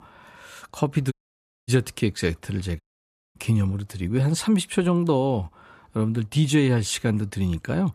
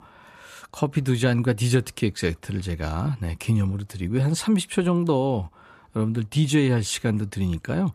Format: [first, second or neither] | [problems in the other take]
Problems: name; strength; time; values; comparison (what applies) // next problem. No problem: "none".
second | audio cutting out; at 1 s for 0.5 s and at 3 s for 0.5 s